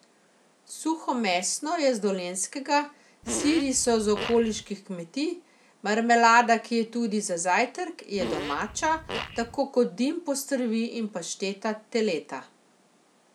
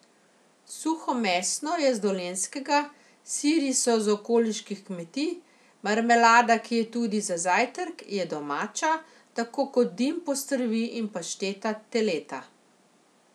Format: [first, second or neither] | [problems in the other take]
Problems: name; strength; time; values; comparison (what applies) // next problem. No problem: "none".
second | background sound (Fart); 9 dB below the speech